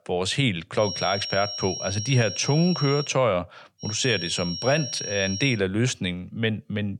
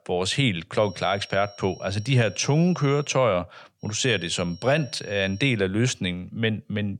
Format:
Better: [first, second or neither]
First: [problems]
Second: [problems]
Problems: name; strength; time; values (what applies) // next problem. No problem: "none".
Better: second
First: high-pitched whine; loud; from 1 to 3 s and from 4 to 5.5 s; 5.5 kHz, 7 dB below the speech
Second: high-pitched whine; faint; from 1 to 3 s and from 4 to 5.5 s; 5.5 kHz, 25 dB below the speech